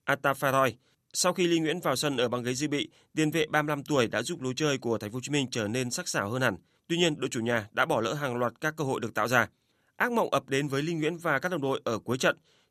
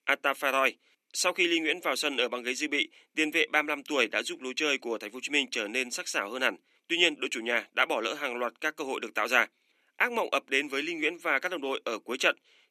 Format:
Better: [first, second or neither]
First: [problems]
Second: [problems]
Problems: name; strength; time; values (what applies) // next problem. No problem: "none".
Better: first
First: none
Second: thin; very slightly; fading below 250 Hz